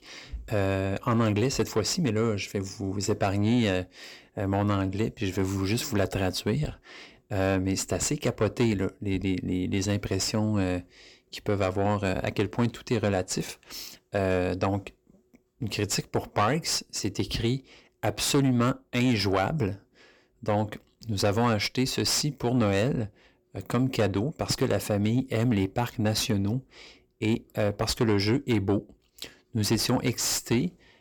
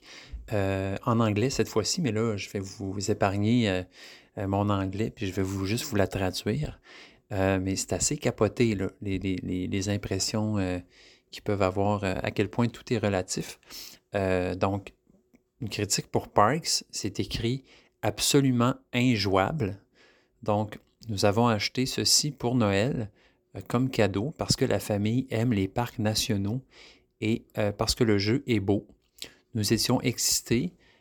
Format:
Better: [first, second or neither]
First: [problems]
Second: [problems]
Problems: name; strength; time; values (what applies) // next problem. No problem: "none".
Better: second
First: distortion; slight; 10 dB below the speech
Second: none